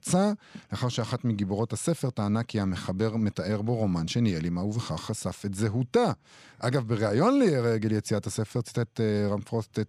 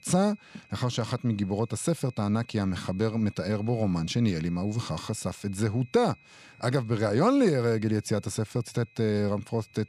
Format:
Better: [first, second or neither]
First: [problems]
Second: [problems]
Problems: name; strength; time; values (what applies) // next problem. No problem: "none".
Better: first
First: none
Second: high-pitched whine; faint; throughout; 2.5 kHz, 25 dB below the speech